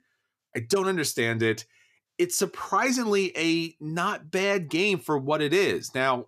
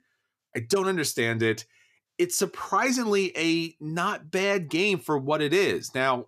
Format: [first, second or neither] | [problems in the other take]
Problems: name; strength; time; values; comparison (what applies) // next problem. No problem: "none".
neither | none